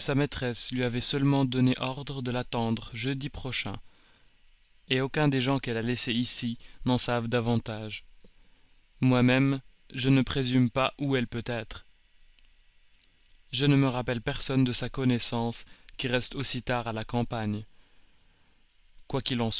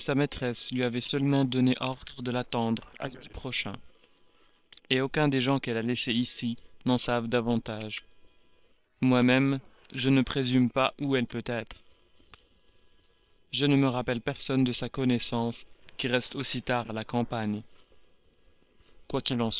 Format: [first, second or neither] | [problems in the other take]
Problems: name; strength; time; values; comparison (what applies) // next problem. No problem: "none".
first | noise reduction (neural separator model SepFormer WHAM!)